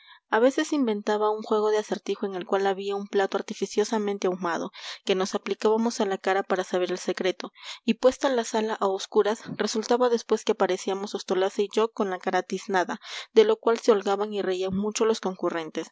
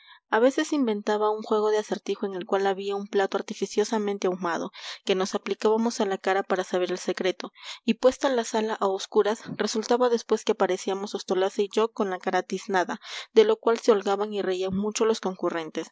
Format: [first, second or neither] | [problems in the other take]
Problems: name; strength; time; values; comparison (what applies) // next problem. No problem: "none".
first | noise reduction (neural mask model Resemble Enhance denoiser)